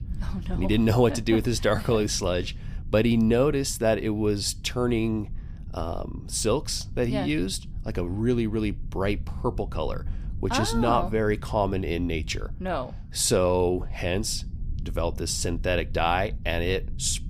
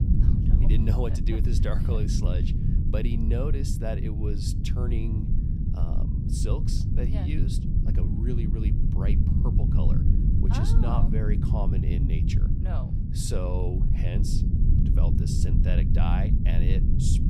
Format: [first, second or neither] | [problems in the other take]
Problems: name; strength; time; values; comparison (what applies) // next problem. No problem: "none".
first | low rumble; loud; throughout; as loud as the speech; faint in the first